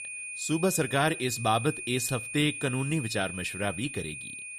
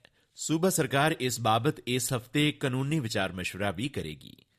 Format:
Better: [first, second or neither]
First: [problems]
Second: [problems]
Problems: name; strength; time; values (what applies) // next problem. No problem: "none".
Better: second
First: high-pitched whine; loud; throughout; 2.5 kHz, 7 dB below the speech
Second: none